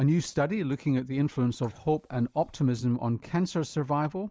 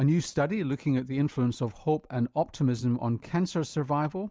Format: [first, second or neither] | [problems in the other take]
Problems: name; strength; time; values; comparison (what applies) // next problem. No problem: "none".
second | noise reduction (neural mask model Resemble Enhance denoiser)